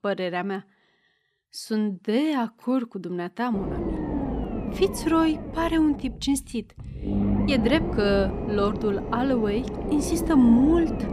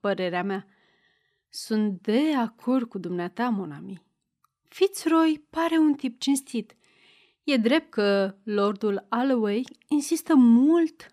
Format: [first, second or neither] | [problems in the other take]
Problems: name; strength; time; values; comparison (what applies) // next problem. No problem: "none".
second | low rumble; loud; from 3.5 s on; 7 dB below the speech